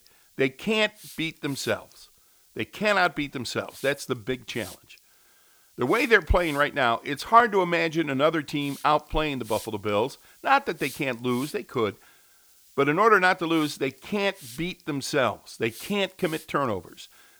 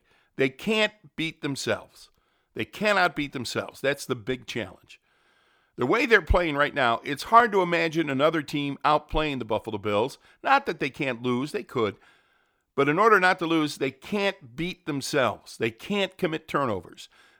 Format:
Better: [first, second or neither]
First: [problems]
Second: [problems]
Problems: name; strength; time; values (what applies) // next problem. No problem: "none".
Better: second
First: hiss; faint; throughout; 20 dB below the speech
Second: none